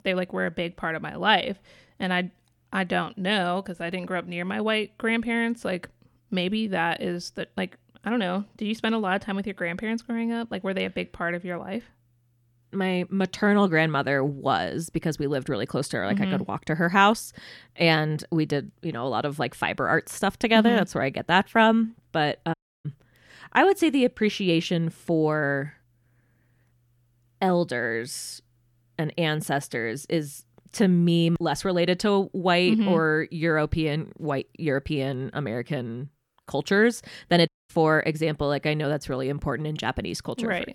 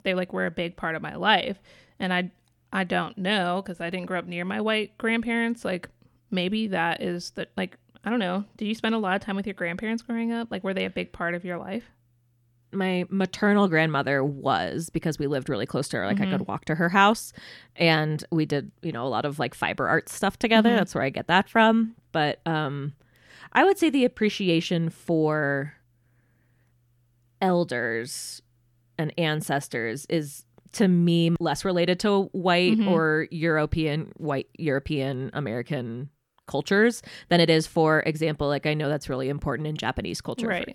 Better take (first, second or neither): second